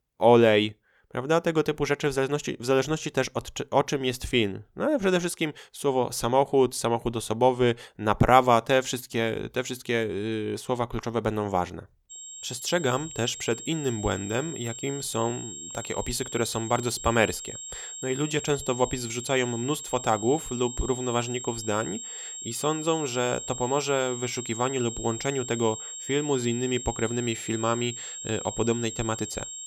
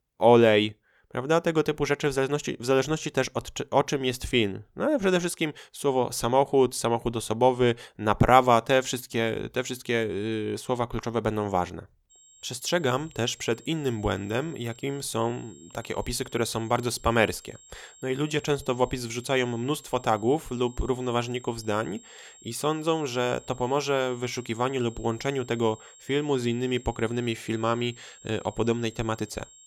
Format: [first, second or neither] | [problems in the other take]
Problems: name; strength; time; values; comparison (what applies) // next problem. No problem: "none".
second | high-pitched whine; loud; from 12 s on; 7.5 kHz, 9 dB below the speech; faint in the second